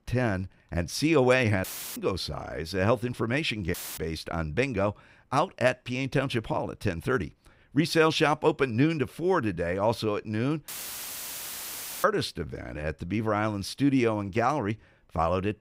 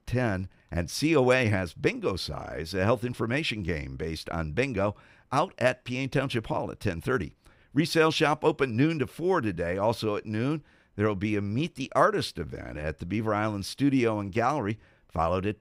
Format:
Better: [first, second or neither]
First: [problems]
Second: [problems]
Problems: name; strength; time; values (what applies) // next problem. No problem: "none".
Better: second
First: audio cutting out; filled with static; at 1.5 s, at 3.5 s and at 11 s for 1.5 s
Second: none